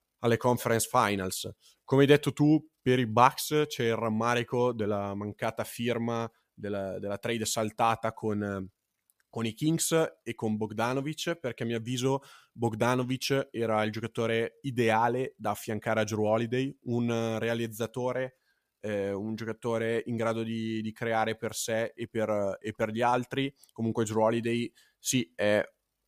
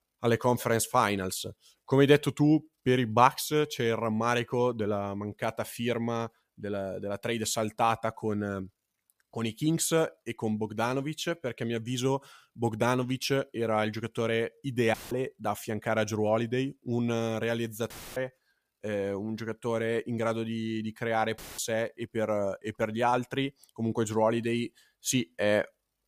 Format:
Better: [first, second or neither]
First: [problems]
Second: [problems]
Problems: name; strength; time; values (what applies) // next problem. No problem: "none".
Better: first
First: none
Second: audio cutting out; filled with static; at 15 s, at 18 s and at 21 s